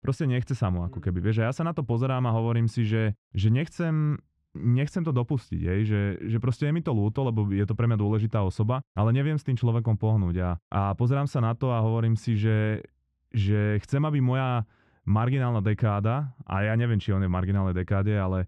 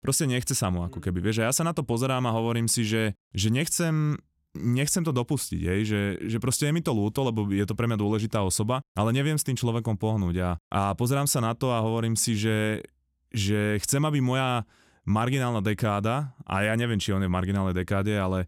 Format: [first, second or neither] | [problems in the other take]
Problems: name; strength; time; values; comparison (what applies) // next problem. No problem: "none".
second | muffled; very; fading above 2 kHz